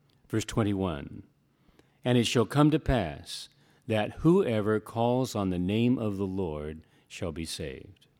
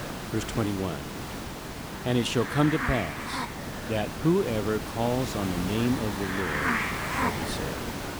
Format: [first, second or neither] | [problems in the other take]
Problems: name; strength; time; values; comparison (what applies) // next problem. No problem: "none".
first | hiss; loud; throughout; 3 dB below the speech